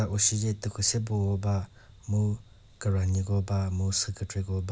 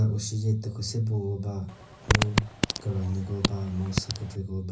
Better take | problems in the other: first | background sound (Fart); 1 dB below the speech // room echo; dies away in 0.5 s

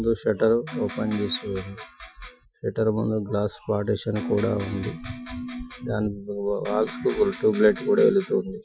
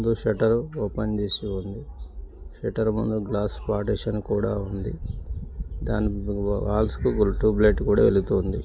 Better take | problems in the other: second | noise reduction (classical method Wiener filter)

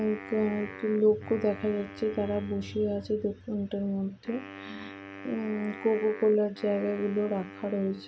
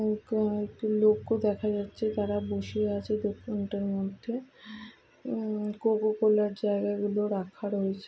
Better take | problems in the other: second | background sound (Wind instrument, woodwind instrument); 15 dB below the speech

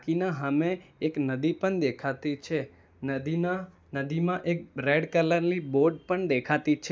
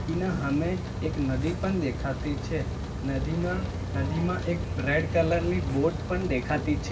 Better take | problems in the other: first | background sound (Rain); 2 dB below the speech // room echo; dies away in 0.4 s

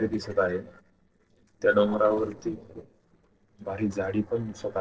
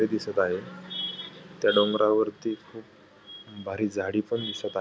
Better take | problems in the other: second | noise reduction (neural separator model SepFormer DNS4)

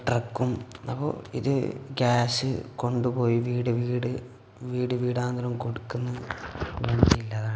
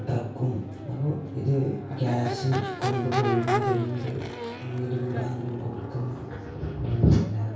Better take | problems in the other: first | background sound (Crowd / Race car, auto racing / Accelerating, revving, vroom); 6 dB below the speech // room echo; dies away in 0.6 s

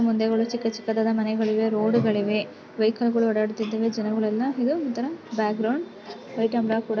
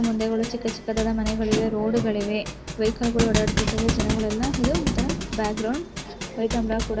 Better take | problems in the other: first | background sound (Thump, thud); 3 dB below the speech

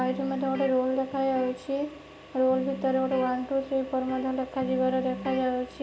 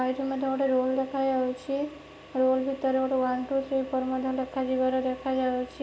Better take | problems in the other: second | background sound (Electric guitar); 13 dB below the speech

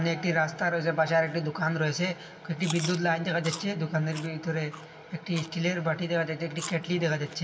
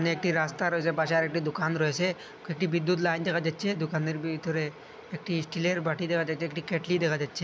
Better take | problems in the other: second | background sound (Chewing, mastication); 17 dB below the speech // room echo; dies away in 1.8 s

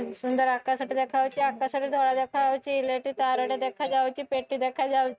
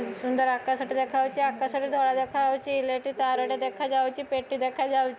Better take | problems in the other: second | noise reduction (neural mask model RNNoise)

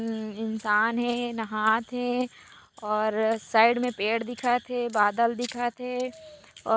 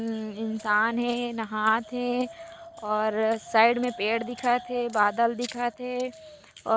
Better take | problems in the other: first | background sound (Wind); 19 dB below the speech

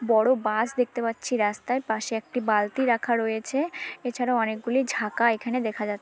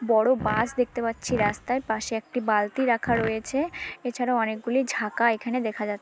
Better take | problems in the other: first | background sound (Fart); 10 dB below the speech

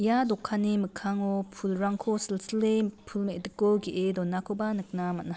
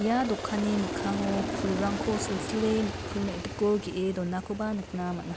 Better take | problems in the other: first | background sound (Aircraft); 6 dB below the speech

